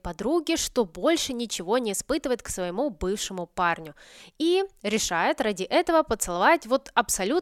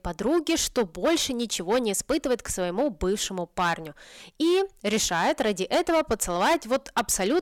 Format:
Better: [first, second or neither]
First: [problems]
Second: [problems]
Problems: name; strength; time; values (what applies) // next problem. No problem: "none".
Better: first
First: none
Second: distortion; slight; 8% of the sound clipped